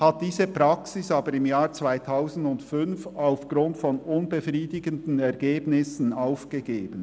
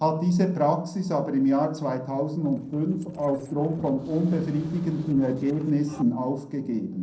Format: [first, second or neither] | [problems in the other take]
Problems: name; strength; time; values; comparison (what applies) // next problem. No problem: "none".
first | noise reduction (neural separator model SepFormer DNS4)